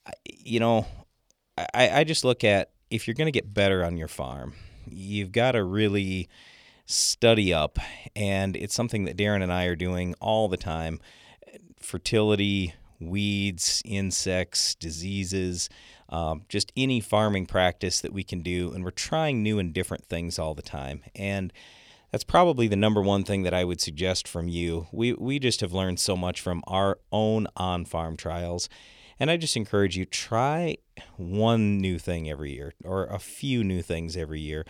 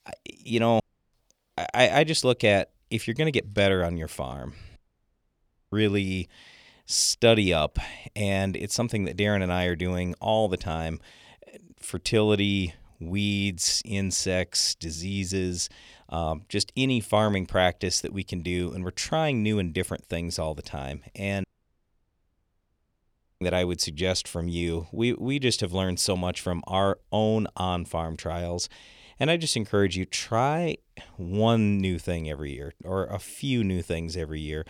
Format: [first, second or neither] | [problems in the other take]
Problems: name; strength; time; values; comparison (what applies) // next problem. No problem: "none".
first | audio cutting out; at 1 s, at 5 s for 1 s and at 21 s for 2 s